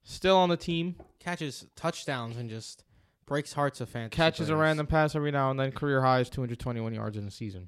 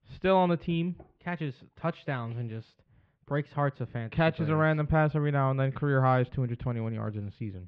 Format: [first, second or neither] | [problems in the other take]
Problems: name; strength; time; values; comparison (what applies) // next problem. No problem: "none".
first | muffled; very; fading above 3 kHz